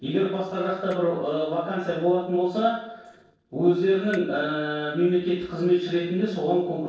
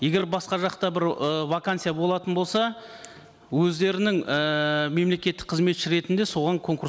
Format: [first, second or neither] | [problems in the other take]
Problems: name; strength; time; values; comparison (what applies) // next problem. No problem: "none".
second | noise reduction (neural separator model SepFormer DNS4)